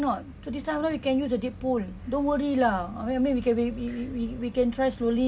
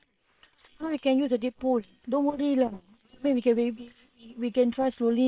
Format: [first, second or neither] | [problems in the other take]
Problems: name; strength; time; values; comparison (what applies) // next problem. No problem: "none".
first | noise reduction (neural separator model SepFormer WHAM!)